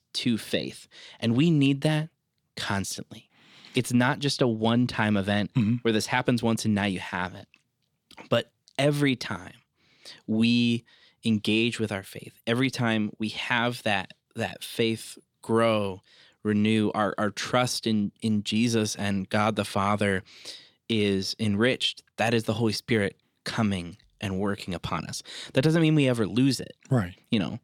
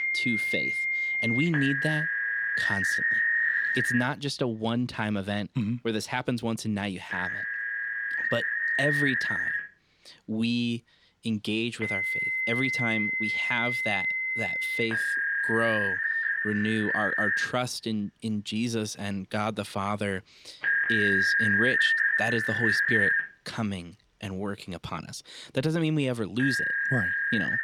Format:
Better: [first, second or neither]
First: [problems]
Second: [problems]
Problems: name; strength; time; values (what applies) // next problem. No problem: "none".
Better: first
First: none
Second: alarms or sirens; very loud; throughout; 5 dB above the speech